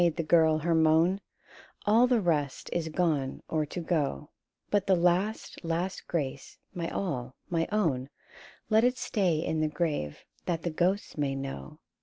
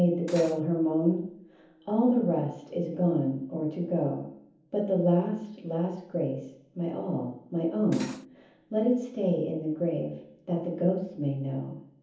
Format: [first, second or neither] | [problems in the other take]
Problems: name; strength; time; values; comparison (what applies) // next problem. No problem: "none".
first | background sound (Cutlery, silverware); 14 dB below the speech // room echo; dies away in 0.7 s